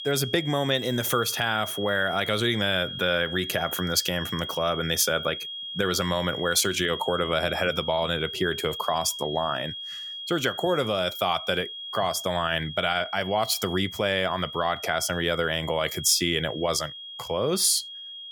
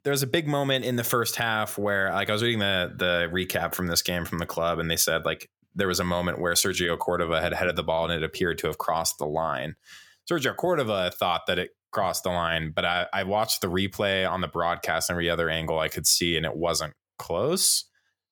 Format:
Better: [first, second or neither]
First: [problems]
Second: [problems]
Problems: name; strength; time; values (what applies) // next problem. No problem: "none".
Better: second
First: high-pitched whine; loud; throughout; 3.5 kHz, 9 dB below the speech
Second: none